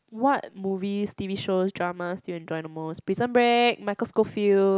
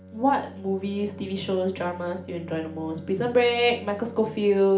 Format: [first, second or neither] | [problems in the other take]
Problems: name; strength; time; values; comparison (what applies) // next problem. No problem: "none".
first | background sound (Bowed string instrument); 17 dB below the speech // room echo; dies away in 0.4 s